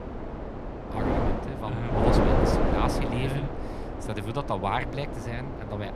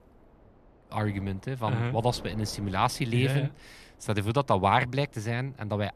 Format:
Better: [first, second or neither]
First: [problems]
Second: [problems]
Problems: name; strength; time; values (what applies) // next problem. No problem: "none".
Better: second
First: wind noise on the microphone; heavy; 2 dB above the speech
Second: wind noise on the microphone; occasional gusts; 25 dB below the speech